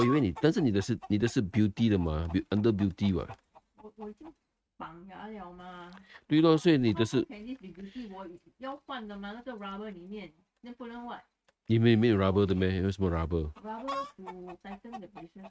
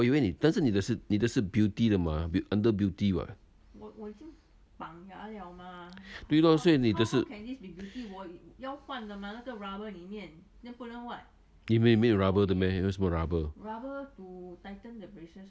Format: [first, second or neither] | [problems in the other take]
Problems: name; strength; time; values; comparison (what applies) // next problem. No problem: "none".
second | noise reduction (neural mask model RNNoise)